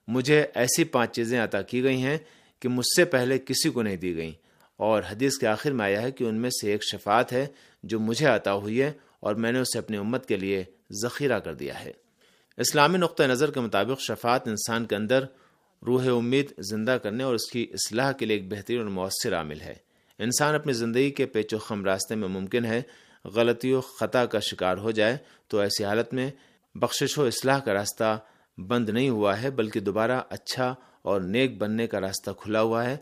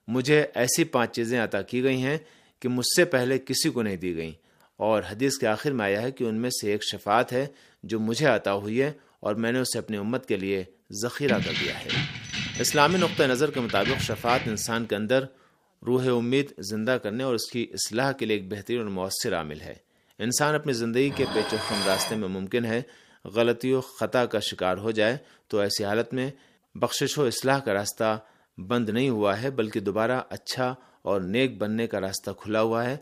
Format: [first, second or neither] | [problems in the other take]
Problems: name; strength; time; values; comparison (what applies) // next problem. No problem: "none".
first | jangling keys; noticeable; from 11 to 15 s; peak level with the speech // clattering dishes; noticeable; from 21 to 22 s; peak 1 dB below the speech